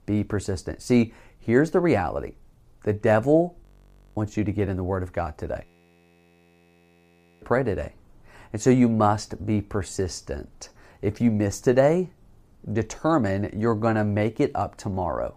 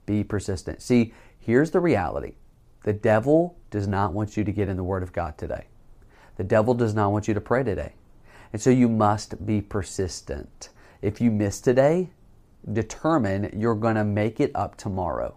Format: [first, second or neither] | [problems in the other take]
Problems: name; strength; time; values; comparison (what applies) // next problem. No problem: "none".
second | audio freezing; at 3.5 s for 0.5 s and at 5.5 s for 2 s